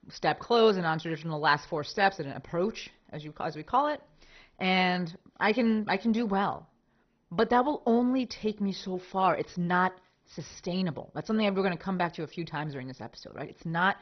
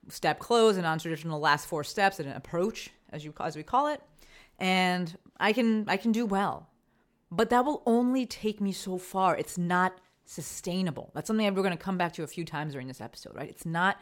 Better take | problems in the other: second | garbled, watery; badly; nothing above 6 kHz

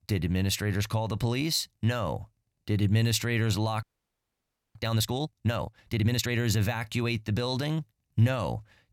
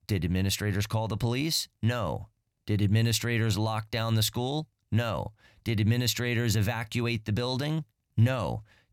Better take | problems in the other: second | audio freezing; at 4 s for 1 s

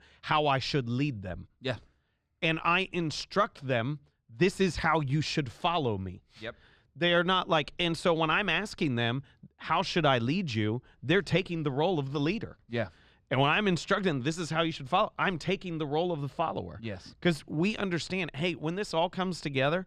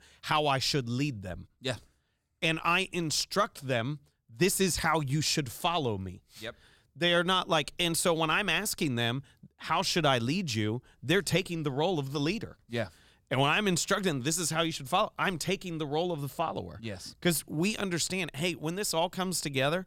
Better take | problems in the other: second | muffled; slightly; fading above 3.5 kHz

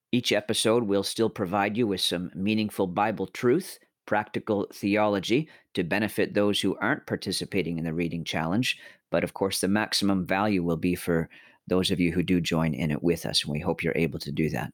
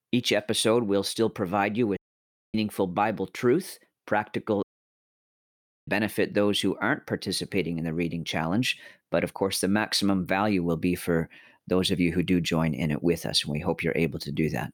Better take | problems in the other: first | audio cutting out; at 2 s for 0.5 s and at 4.5 s for 1 s

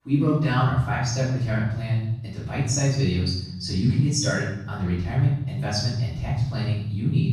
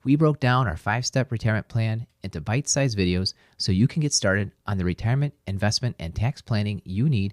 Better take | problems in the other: second | off-mic speech; far // room echo; noticeable; dies away in 0.9 s

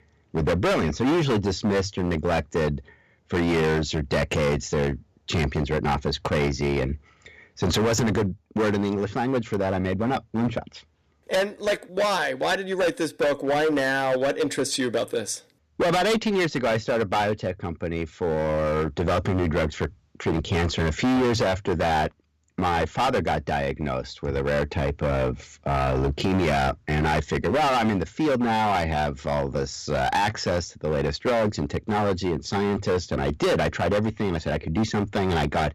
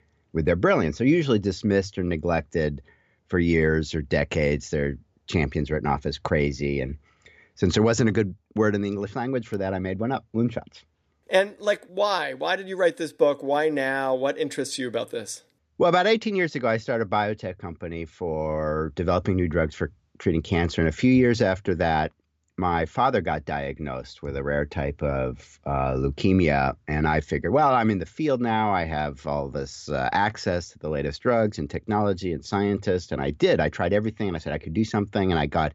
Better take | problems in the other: second | distortion; heavy; 17% of the sound clipped

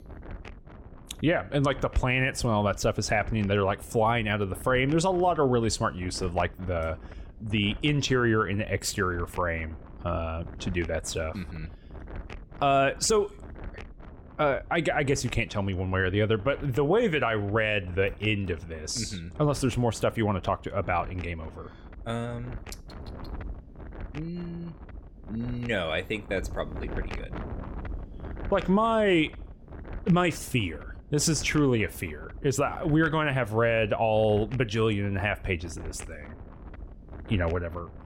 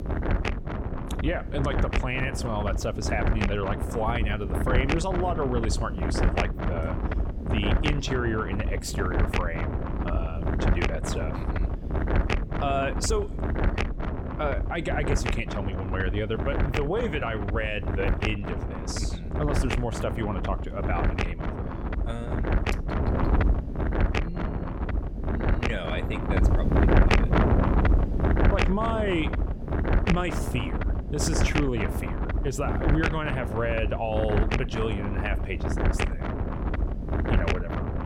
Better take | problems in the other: first | wind noise on the microphone; heavy; 1 dB below the speech; occasional gusts in the first

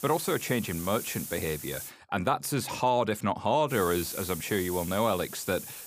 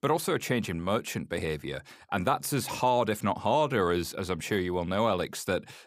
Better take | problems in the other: second | hiss; loud; until 2 s and from 3.5 s on; 9 dB below the speech

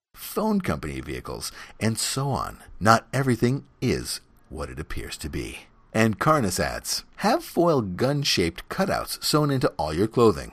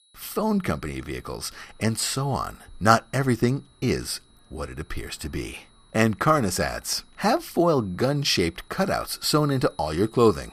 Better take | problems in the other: first | high-pitched whine; faint; throughout; 4 kHz, 35 dB below the speech

